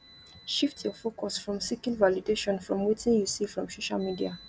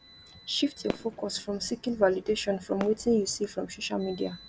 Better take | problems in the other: first | background sound (Fireworks); 15 dB below the speech

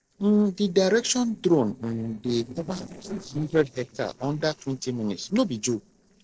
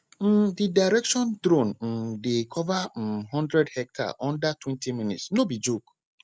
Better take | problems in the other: second | noise reduction (neural separator model SepFormer DNS4)

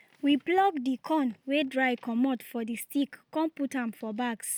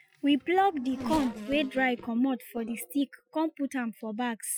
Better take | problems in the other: first | noise reduction (classical method Wiener filter)

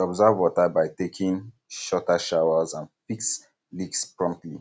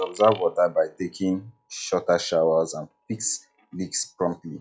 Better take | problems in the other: first | noise reduction (classical method log-MMSE)

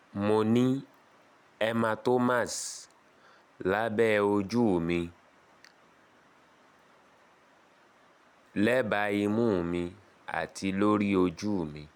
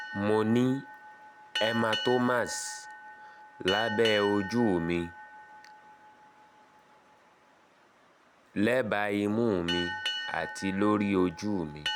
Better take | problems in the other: first | background sound (Boat, Water vehicle); 9 dB below the speech

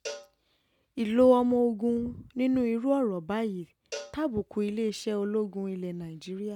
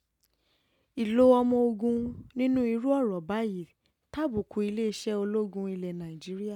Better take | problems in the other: second | background sound (Cowbell); 19 dB below the speech

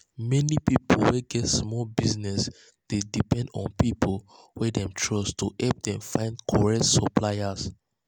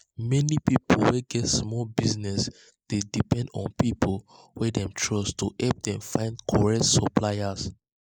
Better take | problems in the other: first | noise reduction (neural mask model Resemble Enhance denoiser)

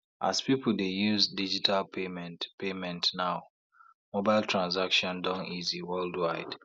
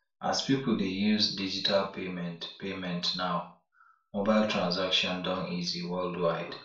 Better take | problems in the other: first | room echo; dies away in 0.4 s

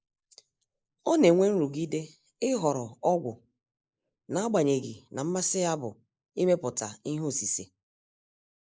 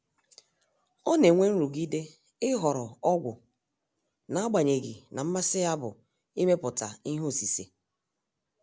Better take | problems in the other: second | noise reduction (neural mask model Resemble Enhance denoiser)

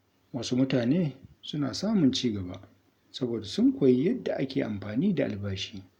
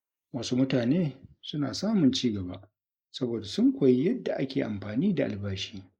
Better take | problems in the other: first | noise reduction (neural mask model Resemble Enhance denoiser)

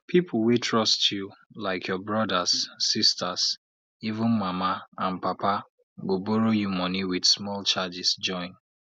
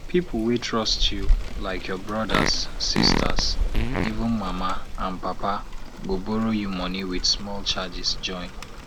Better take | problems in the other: first | background sound (Rain + Fart); 1 dB above the speech

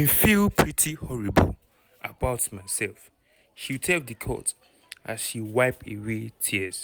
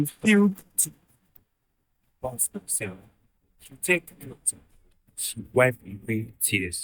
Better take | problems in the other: first | noise reduction (neural mask model DeepFilterNet 3)

